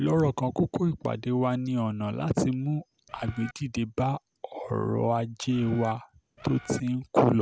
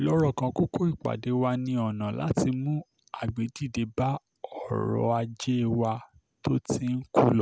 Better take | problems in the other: second | background sound (Bird); 18 dB below the speech

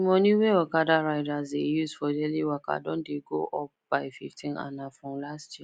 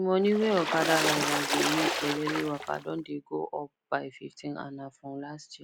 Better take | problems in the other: first | background sound (Water / Splash, splatter); as loud as the speech

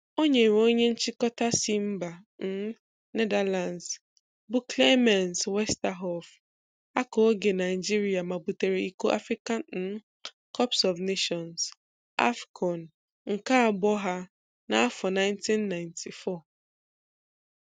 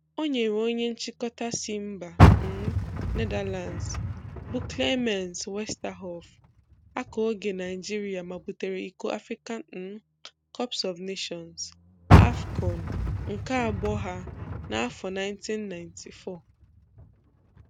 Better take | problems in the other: first | background sound (Car); 5 dB above the speech

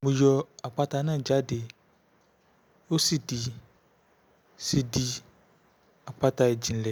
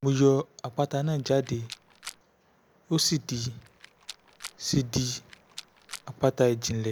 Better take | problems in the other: first | background sound (Rattle); 18 dB below the speech

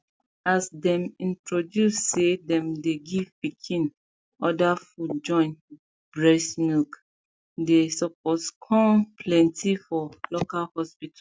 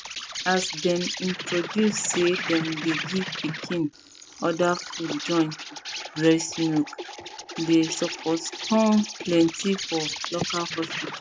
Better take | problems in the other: first | background sound (Insect); 8 dB below the speech

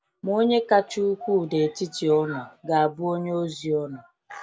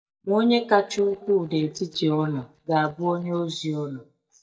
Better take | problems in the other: first | noise reduction (neural mask model DeepFilterNet 3)

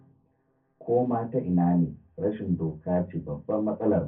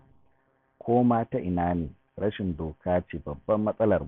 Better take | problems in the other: second | room echo; dies away in 0.3 s

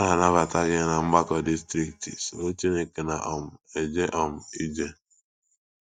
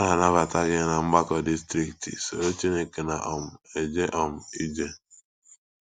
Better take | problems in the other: second | noise reduction (neural mask model DeepFilterNet 3)

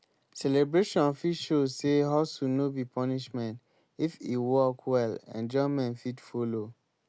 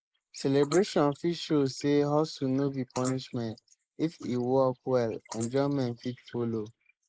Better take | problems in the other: first | noise reduction (neural mask model Resemble Enhance denoiser)

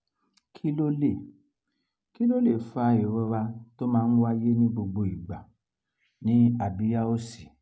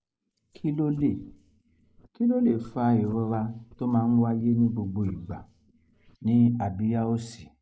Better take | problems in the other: first | noise reduction (neural mask model Resemble Enhance denoiser)

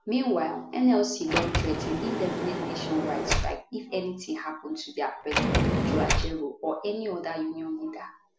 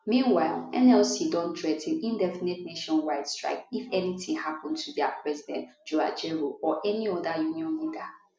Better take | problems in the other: second | background sound (Sliding door); 1 dB below the speech

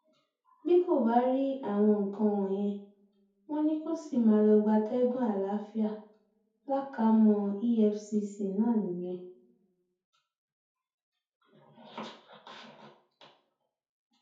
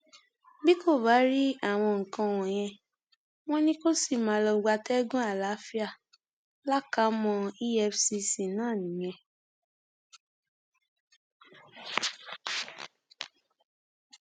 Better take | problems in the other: second | room echo; dies away in 0.6 s

